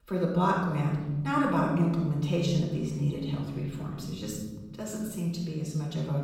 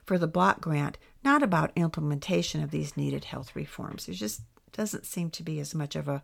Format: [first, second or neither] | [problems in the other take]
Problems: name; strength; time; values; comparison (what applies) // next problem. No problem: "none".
second | off-mic speech; far // room echo; noticeable; dies away in 2.2 s